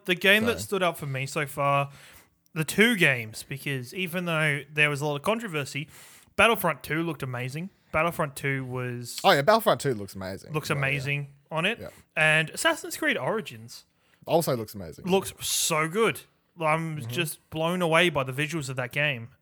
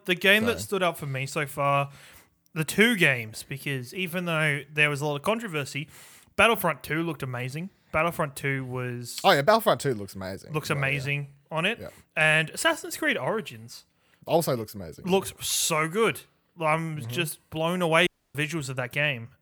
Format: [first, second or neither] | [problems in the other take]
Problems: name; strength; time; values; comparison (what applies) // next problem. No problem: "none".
first | audio cutting out; at 18 s